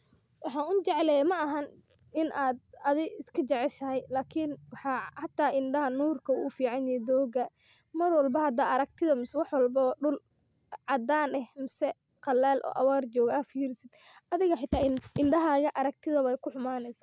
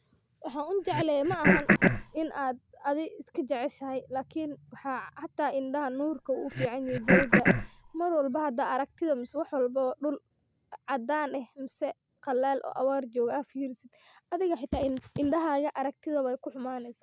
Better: first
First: none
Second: background sound (Cough); 4 dB above the speech

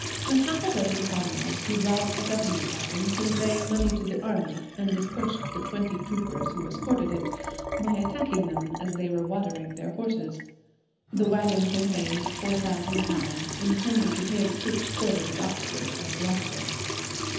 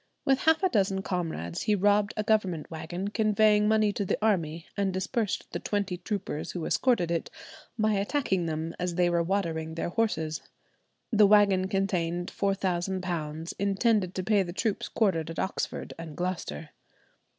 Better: second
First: background sound (Trickle, dribble / Sink (filling or washing) / Water tap, faucet); 5 dB below the speech // room echo; dies away in 0.9 s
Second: none

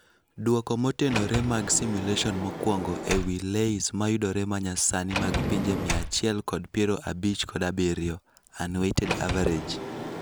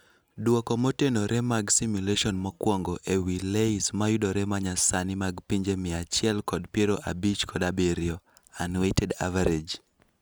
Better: second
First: background sound (Sliding door); 7 dB below the speech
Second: none

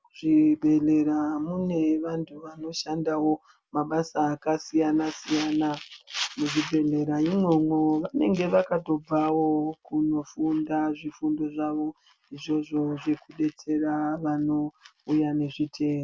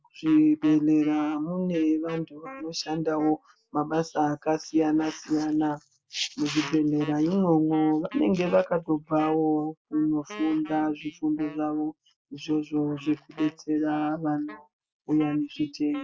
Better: first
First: none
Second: noise reduction (neural mask model Resemble Enhance denoiser)

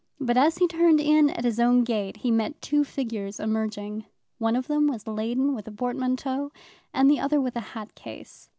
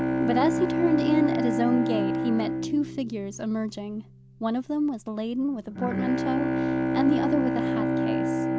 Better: first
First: none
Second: background sound (Bowed string instrument); as loud as the speech

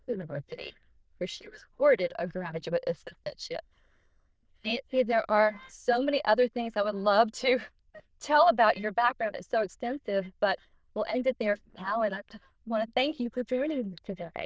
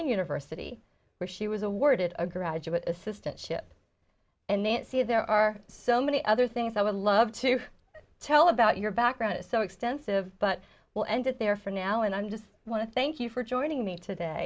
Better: second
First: noise reduction (neural diffusion model UNIVERSE++)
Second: none

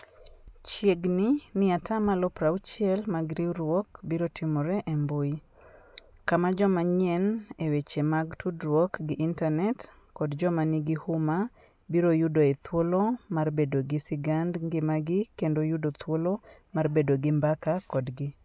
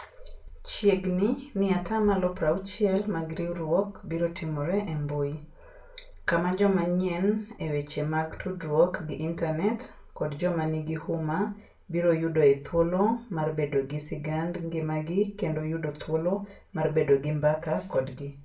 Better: first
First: none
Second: room echo; dies away in 0.3 s

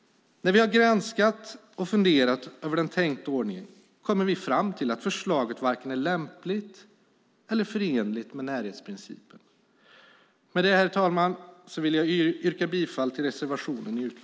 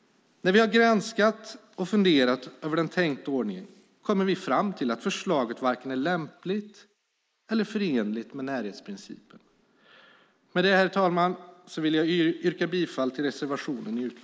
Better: first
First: none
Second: noise reduction (neural mask model Resemble Enhance denoiser)

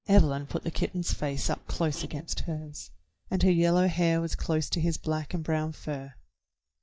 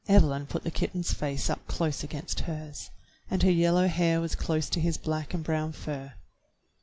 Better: second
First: noise reduction (neural mask model DeepFilterNet 3)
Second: none

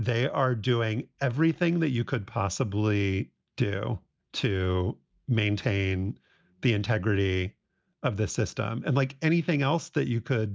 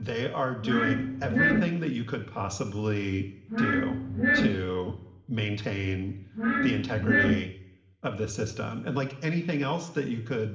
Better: first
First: none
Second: background sound (Glass); 4 dB above the speech // room echo; dies away in 0.8 s

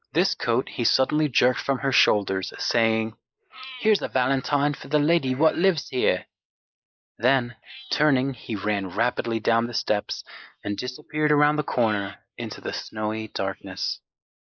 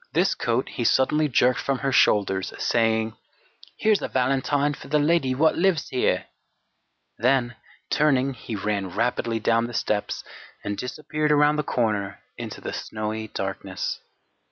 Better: second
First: noise reduction (neural mask model Resemble Enhance denoiser)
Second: none

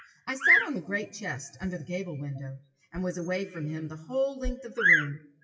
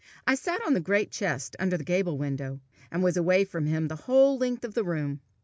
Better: second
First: noise reduction (classical method WPE with log-MMSE)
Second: none

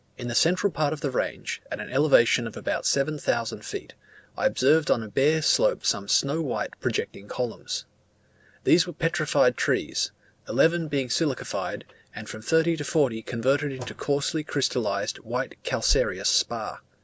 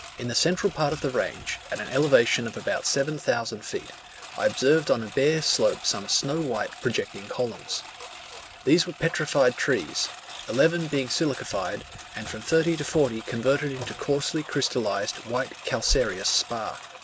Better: first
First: none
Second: background sound (Engine); 16 dB below the speech

